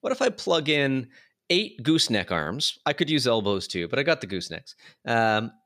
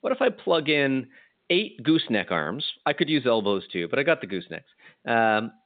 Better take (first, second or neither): first